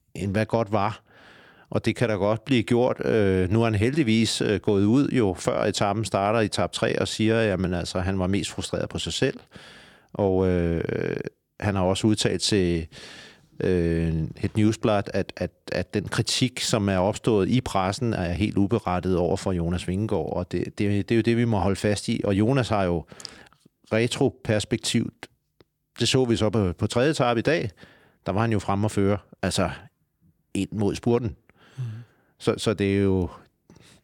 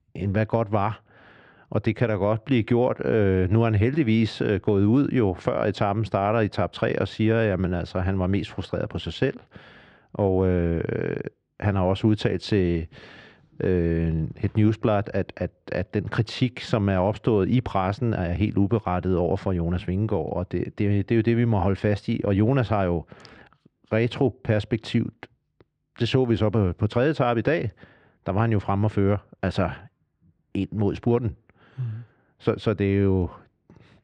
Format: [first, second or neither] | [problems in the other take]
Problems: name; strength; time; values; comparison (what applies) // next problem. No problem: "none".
first | muffled; slightly; fading above 2.5 kHz